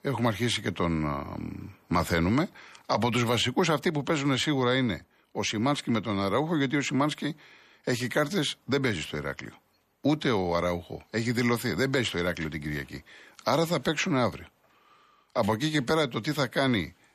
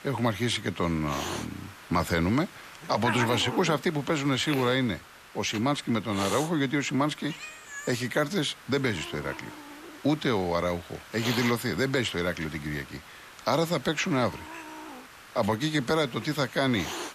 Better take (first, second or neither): first